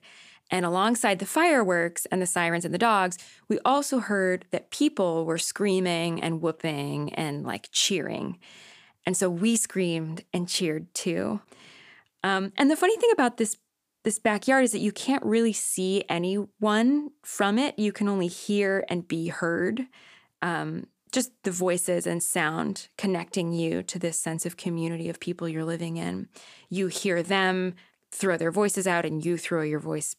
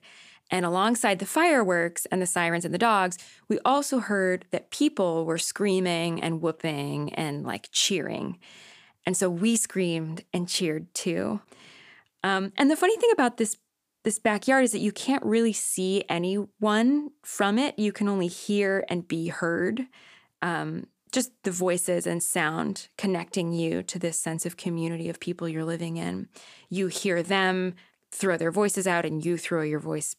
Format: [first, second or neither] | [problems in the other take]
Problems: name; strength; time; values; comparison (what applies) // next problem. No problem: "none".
neither | none